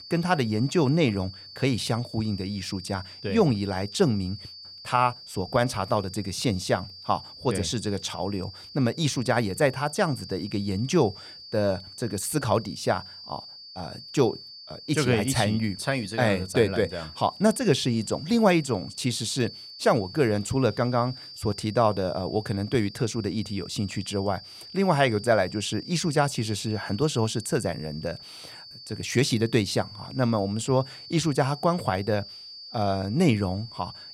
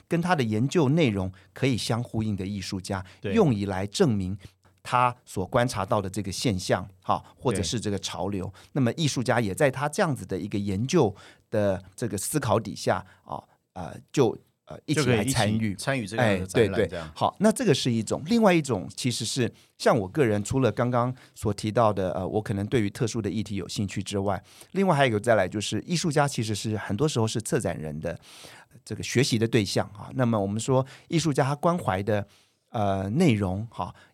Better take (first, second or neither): second